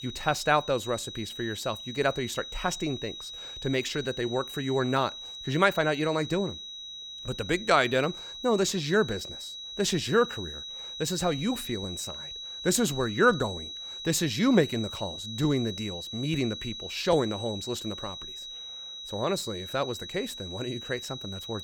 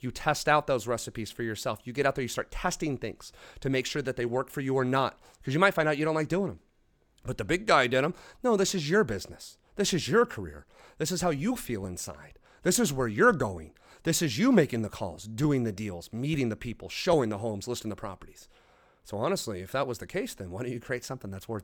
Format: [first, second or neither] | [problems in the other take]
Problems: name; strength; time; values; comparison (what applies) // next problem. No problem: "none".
second | high-pitched whine; loud; throughout; 4 kHz, 9 dB below the speech